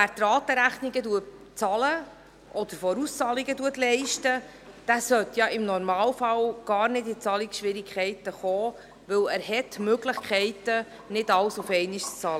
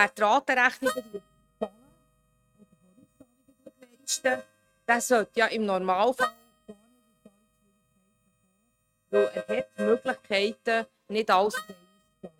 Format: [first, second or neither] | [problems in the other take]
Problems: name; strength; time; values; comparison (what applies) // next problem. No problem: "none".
first | noise reduction (neural mask model RNNoise)